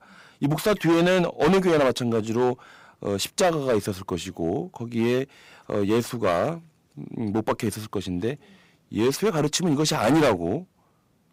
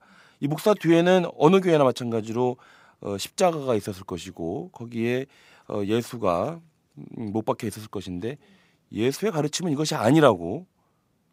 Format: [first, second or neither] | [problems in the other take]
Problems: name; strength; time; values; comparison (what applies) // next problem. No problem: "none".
second | distortion; heavy; 7% of the sound clipped